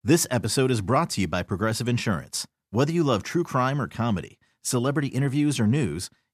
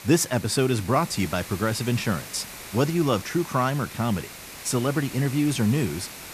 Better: first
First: none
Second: hiss; noticeable; throughout; 15 dB below the speech

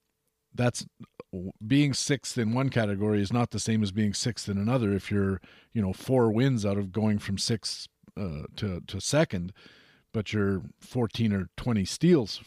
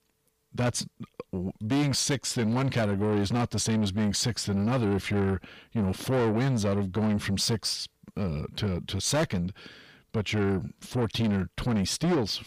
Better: first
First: none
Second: distortion; heavy; 8 dB below the speech

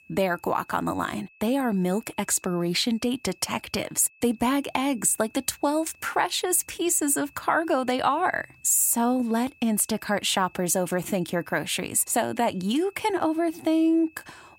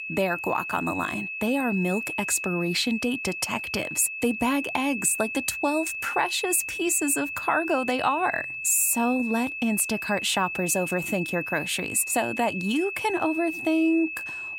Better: first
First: high-pitched whine; faint; throughout; 2.5 kHz, 30 dB below the speech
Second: high-pitched whine; loud; throughout; 2.5 kHz, 6 dB below the speech

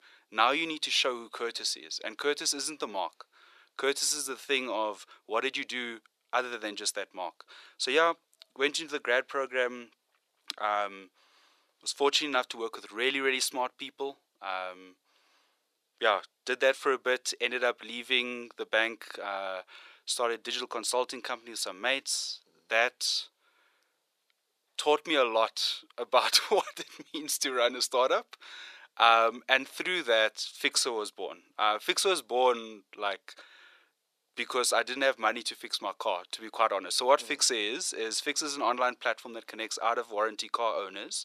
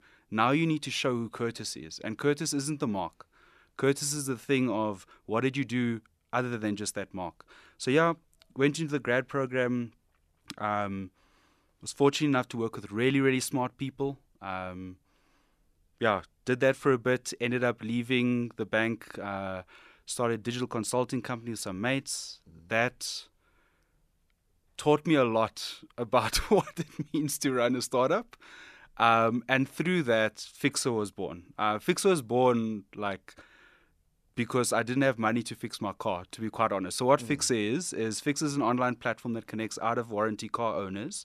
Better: second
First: thin; very; fading below 450 Hz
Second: none

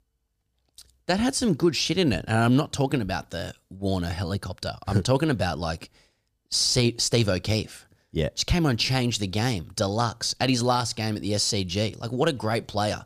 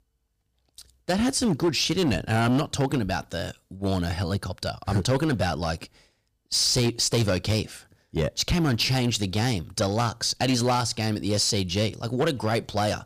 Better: first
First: none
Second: distortion; slight; 7% of the sound clipped

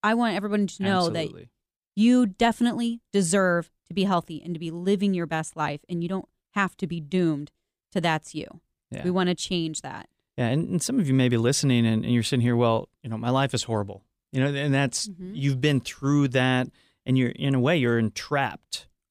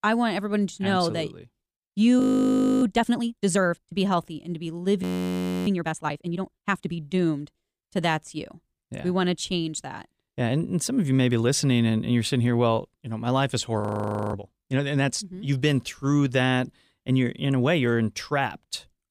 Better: first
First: none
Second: audio freezing; at 2 s for 0.5 s, at 5 s for 0.5 s and at 14 s for 0.5 s

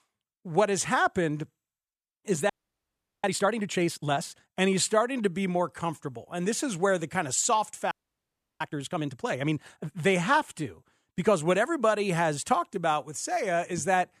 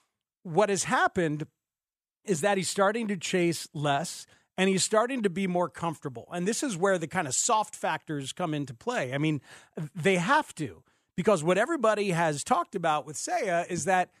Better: second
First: audio freezing; at 2.5 s for 0.5 s and at 8 s for 0.5 s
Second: none

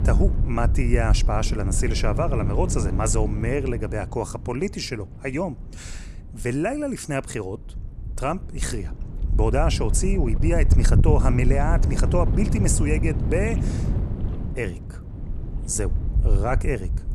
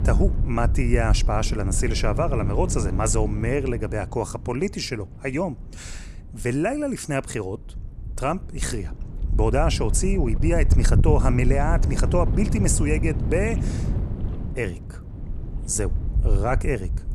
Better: second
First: wind noise on the microphone; heavy; 10 dB below the speech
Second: wind noise on the microphone; occasional gusts; 10 dB below the speech

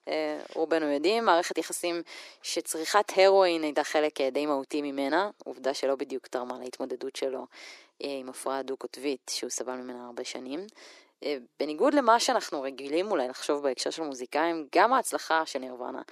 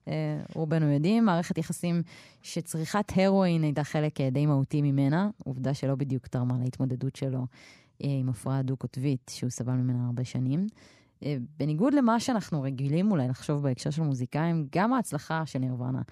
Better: second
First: thin; very; fading below 350 Hz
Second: none

